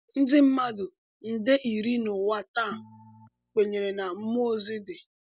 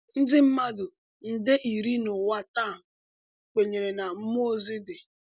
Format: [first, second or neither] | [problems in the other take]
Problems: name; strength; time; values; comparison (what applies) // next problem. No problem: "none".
second | background sound (Organ); 19 dB below the speech